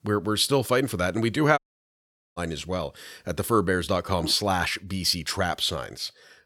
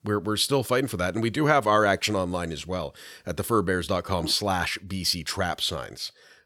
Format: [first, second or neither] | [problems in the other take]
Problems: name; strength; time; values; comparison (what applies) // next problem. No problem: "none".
second | audio cutting out; at 1.5 s for 1 s